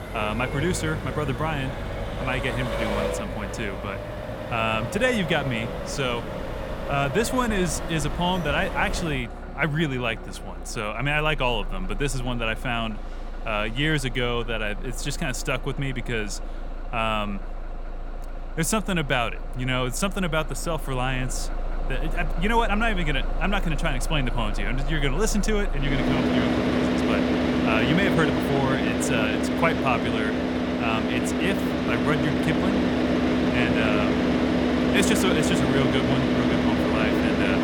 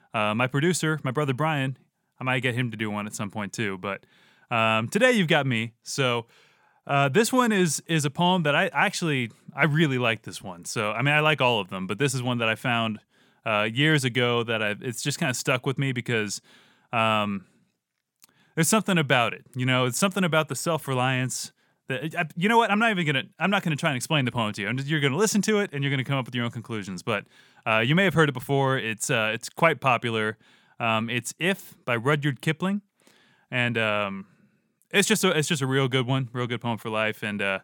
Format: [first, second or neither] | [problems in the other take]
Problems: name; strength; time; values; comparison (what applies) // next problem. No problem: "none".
second | traffic noise; very loud; throughout; as loud as the speech